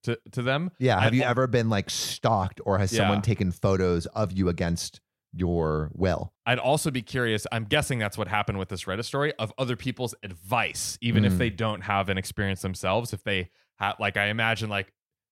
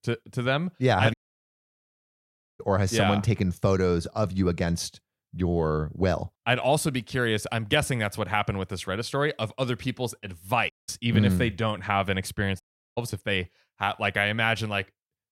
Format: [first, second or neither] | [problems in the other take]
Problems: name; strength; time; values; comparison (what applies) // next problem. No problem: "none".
first | audio cutting out; at 1 s for 1.5 s, at 11 s and at 13 s